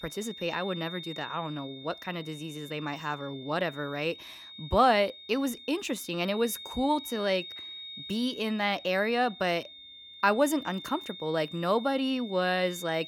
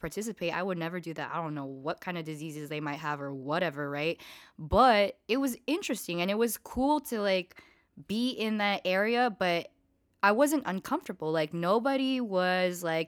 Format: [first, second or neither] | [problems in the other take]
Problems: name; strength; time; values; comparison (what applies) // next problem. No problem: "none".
second | high-pitched whine; noticeable; throughout; 3.5 kHz, 15 dB below the speech